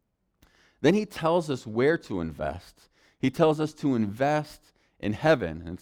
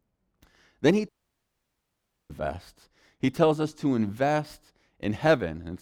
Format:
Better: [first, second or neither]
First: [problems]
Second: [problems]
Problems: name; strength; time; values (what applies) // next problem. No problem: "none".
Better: first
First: none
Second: audio cutting out; at 1 s for 1 s